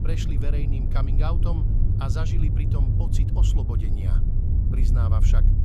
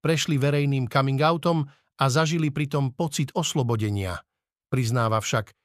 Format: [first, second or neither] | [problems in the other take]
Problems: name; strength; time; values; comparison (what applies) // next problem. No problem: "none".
second | low rumble; loud; throughout; 1 dB below the speech